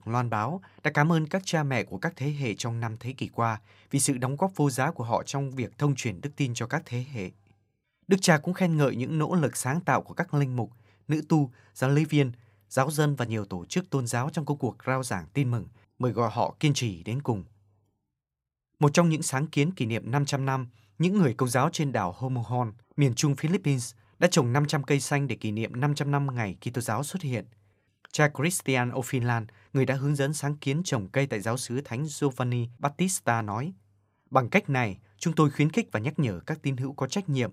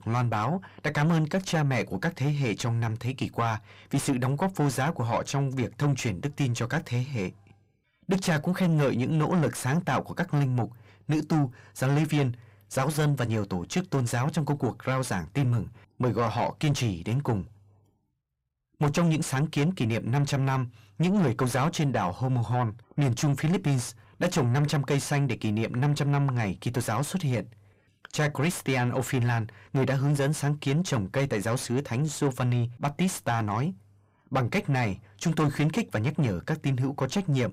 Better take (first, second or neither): first